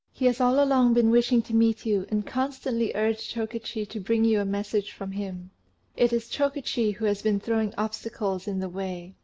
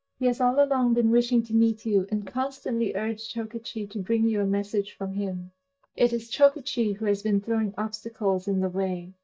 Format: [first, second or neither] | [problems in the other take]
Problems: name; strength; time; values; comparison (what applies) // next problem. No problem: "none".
first | noise reduction (neural mask model DeepFilterNet 3)